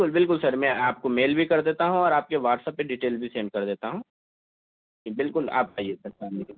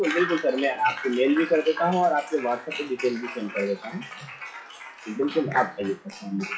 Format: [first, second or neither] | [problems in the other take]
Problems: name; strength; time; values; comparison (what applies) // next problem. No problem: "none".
first | noise reduction (classical method WPE with log-MMSE)